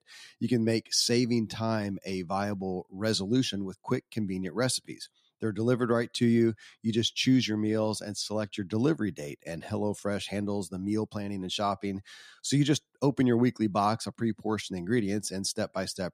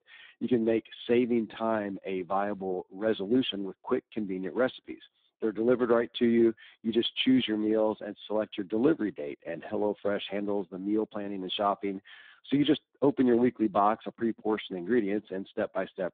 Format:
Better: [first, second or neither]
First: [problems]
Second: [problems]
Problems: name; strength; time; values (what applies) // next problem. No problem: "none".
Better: first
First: none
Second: phone-call audio; poor line; nothing above 3.5 kHz